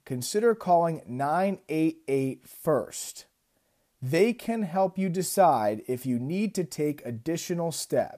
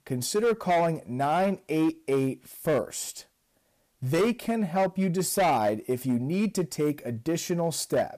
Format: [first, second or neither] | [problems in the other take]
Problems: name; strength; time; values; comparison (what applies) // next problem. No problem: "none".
first | distortion; slight; 8% of the sound clipped